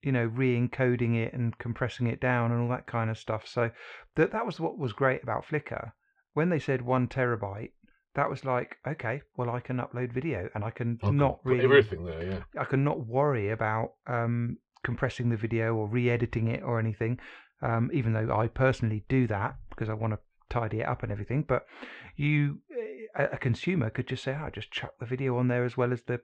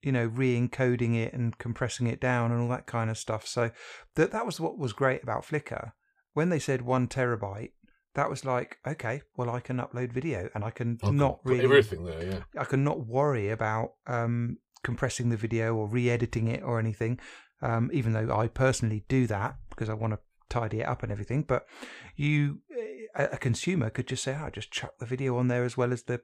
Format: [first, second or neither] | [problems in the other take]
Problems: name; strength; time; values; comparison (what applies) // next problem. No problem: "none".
second | muffled; slightly; fading above 2.5 kHz